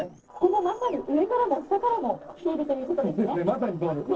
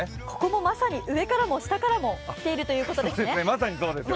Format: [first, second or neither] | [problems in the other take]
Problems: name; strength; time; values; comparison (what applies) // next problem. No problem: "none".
second | noise reduction (neural separator model SepFormer DNS4)